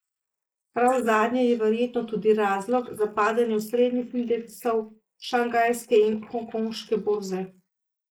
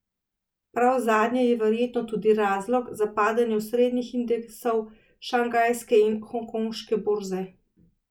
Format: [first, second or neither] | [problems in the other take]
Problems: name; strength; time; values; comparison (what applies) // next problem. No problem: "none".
second | noise reduction (neural mask model Resemble Enhance denoiser)